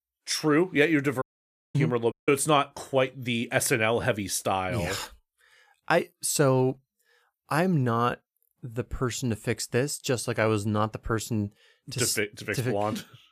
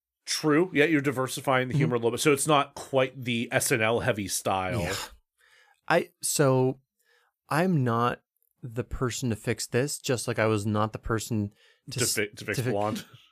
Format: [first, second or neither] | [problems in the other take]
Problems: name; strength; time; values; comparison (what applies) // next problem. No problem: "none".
second | audio cutting out; at 1 s for 0.5 s and at 2 s